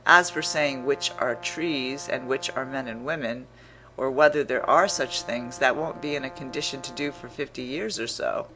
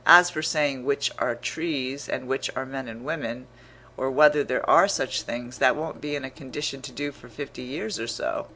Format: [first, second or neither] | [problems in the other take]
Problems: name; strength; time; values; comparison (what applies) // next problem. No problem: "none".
second | background sound (Brass instrument); 18 dB below the speech